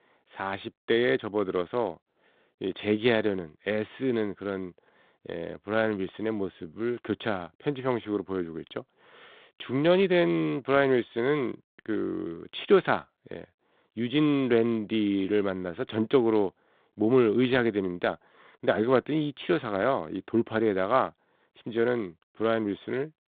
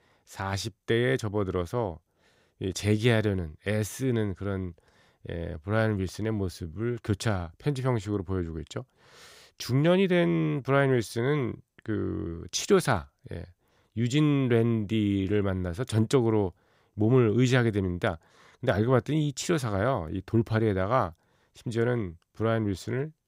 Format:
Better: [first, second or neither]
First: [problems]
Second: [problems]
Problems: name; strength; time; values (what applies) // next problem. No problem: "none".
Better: second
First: phone-call audio; nothing above 3.5 kHz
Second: none